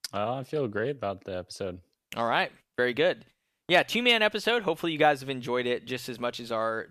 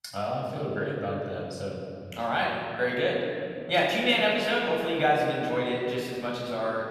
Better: first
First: none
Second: off-mic speech; far // room echo; noticeable; dies away in 2.6 s

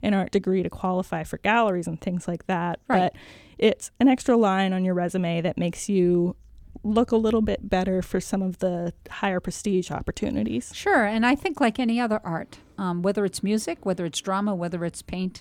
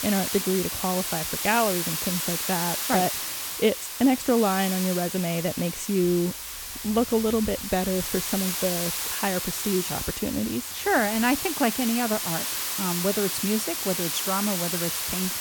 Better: first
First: none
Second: hiss; loud; throughout; 1 dB below the speech

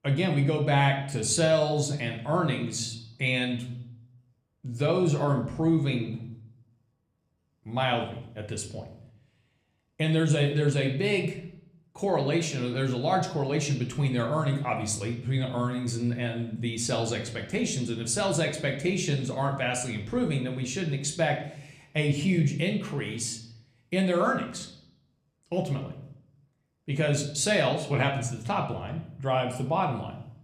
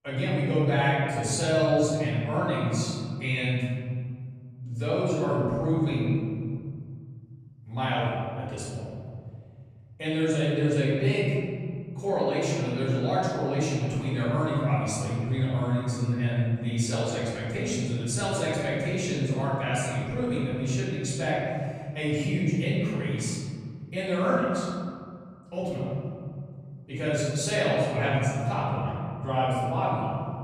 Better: first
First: room echo; slight; dies away in 0.6 s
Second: room echo; strong; dies away in 2.5 s // off-mic speech; far

